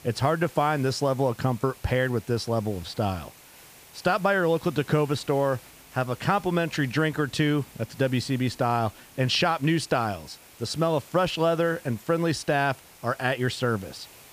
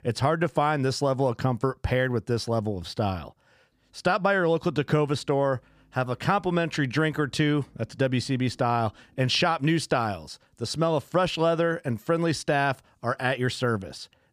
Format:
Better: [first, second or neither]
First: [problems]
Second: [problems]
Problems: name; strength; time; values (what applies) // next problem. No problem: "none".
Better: second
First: hiss; faint; throughout; 20 dB below the speech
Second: none